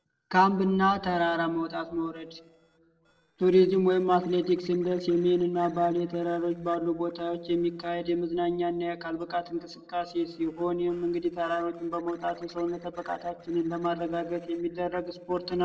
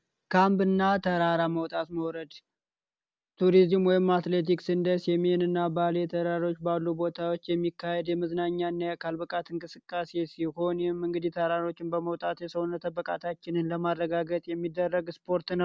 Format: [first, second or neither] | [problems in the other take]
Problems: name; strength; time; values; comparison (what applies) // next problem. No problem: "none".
second | noise reduction (neural separator model SepFormer DNS4)